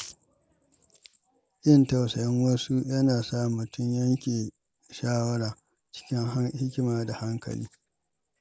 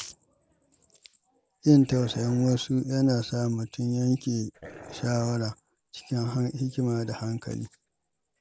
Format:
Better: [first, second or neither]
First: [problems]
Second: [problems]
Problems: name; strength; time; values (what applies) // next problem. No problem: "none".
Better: first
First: none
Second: background sound (Dog); 17 dB below the speech